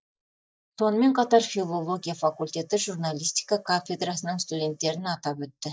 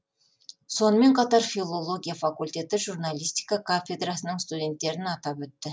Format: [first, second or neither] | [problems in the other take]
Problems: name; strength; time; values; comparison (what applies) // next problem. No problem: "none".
second | noise reduction (neural mask model DeepFilterNet 3)